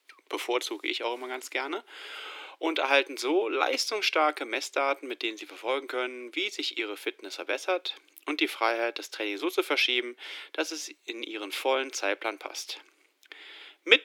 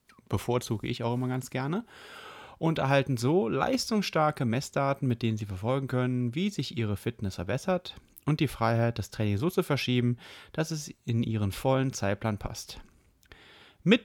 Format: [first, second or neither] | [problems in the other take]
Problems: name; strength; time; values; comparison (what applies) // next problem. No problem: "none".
second | thin; very; fading below 300 Hz